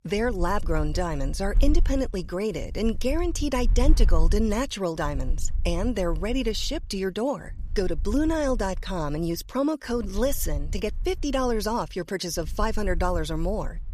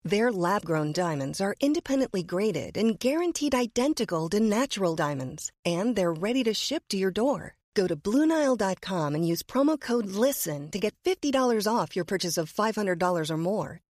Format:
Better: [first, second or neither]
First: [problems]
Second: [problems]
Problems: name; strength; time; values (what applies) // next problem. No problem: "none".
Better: second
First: wind noise on the microphone; occasional gusts; 25 dB below the speech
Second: none